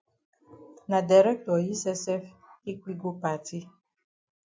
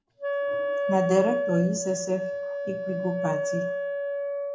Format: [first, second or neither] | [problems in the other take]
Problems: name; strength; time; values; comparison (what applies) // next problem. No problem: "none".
first | background sound (Wind instrument, woodwind instrument); 1 dB above the speech // room echo; dies away in 0.4 s